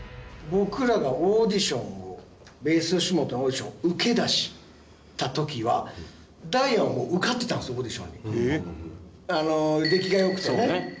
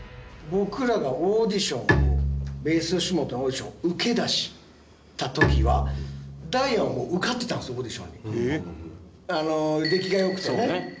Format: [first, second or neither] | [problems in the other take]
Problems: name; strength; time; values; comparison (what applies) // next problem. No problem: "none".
first | background sound (Bowed string instrument); 2 dB below the speech